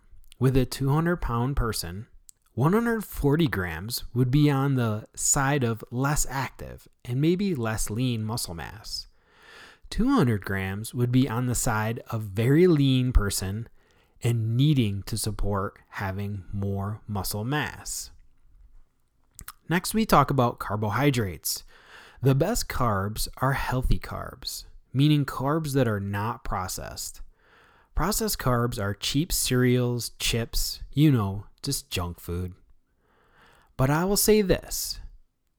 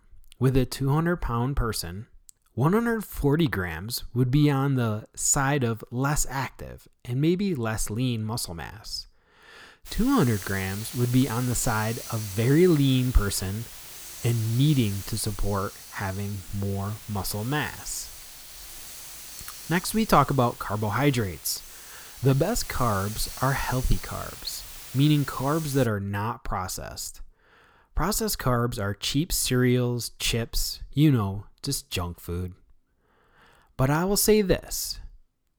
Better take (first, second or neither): first